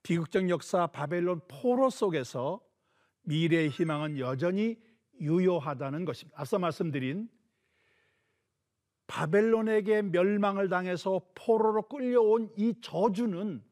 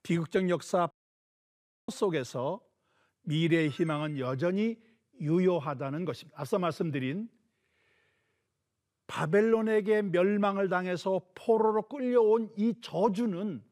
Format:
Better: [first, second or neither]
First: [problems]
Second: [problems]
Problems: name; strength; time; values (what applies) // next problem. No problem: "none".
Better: first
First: none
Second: audio cutting out; at 1 s for 1 s